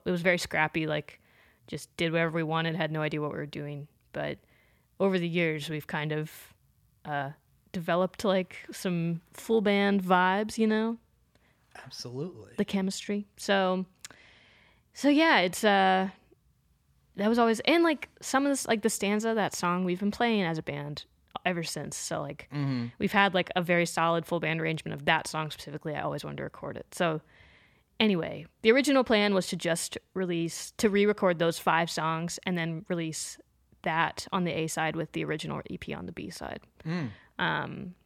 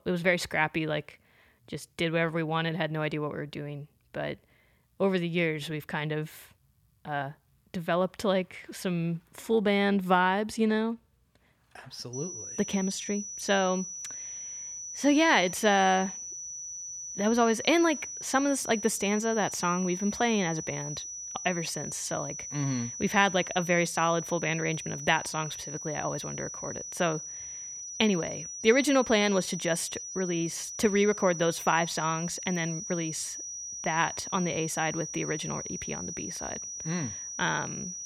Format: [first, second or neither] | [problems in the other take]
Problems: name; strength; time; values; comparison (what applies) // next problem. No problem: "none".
first | high-pitched whine; loud; from 12 s on; 6 kHz, 8 dB below the speech